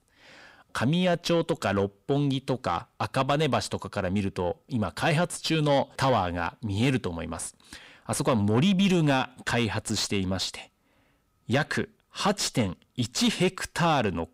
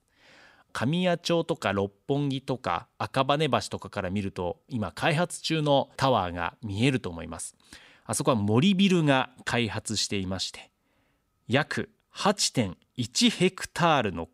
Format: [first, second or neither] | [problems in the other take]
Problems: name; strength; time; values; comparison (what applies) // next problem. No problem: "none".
second | distortion; slight; 10 dB below the speech